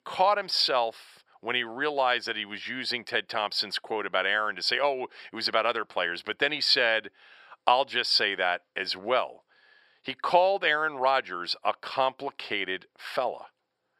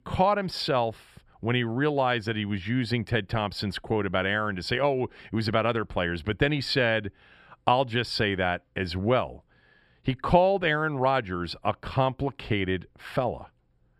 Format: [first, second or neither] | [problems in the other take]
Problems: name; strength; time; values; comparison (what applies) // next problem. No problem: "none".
second | thin; very; fading below 550 Hz